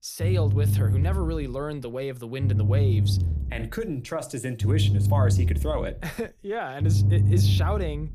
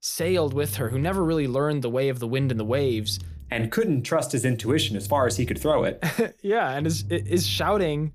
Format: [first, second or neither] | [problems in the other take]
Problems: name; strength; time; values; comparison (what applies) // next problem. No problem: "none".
second | low rumble; loud; throughout; 5 dB below the speech; faint in the second